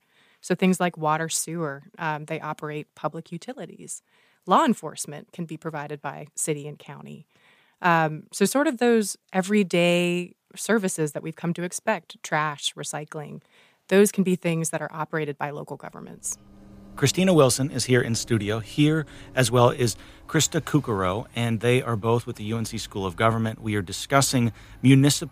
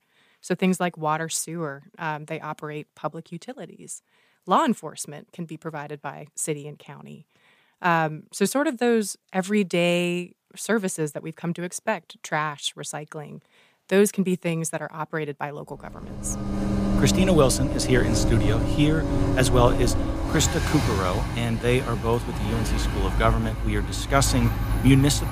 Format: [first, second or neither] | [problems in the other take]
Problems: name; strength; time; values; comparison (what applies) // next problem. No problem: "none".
first | traffic noise; loud; from 16 s on; 1 dB below the speech; faint in the first